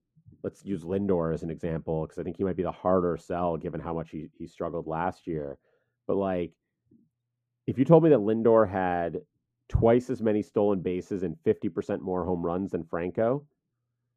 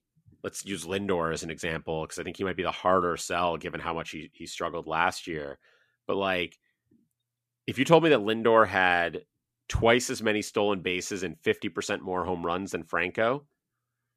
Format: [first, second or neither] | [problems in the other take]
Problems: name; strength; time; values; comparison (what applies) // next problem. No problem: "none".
second | muffled; very; fading above 1.5 kHz